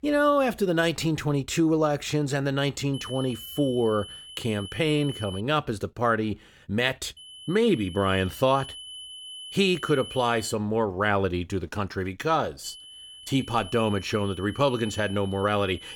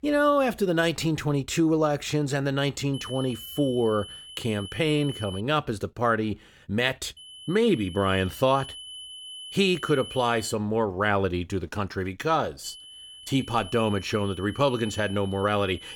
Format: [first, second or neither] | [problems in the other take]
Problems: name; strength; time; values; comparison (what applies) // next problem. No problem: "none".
neither | high-pitched whine; noticeable; from 3 to 5.5 s, from 7 to 11 s and from 13 s on; 3 kHz, 15 dB below the speech; the same in both